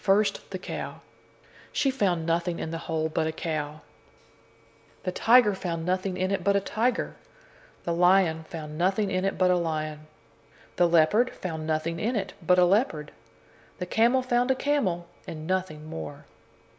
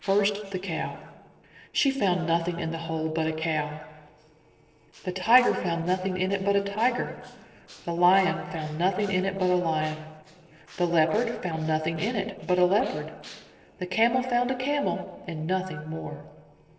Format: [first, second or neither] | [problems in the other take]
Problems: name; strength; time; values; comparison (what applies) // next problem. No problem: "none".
first | noise reduction (neural separator model SepFormer DNS4)